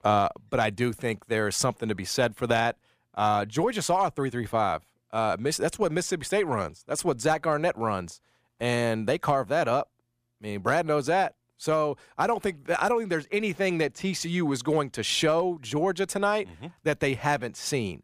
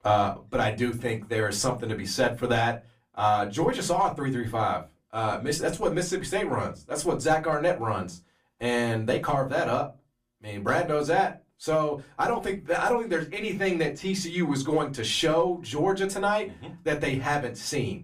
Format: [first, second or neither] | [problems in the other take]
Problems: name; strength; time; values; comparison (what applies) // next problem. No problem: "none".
first | off-mic speech; far // room echo; very slight; dies away in 0.2 s